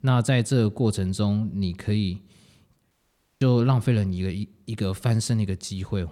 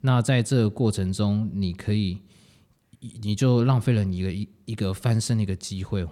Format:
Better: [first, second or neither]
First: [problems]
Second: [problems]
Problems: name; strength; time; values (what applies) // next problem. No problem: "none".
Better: second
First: audio cutting out; at 3 s for 0.5 s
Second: none